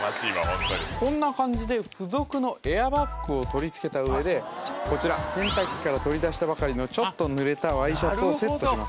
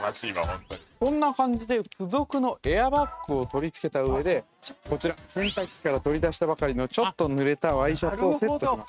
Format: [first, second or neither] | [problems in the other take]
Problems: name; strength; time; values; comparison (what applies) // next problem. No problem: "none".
first | noise reduction (neural mask model RNNoise)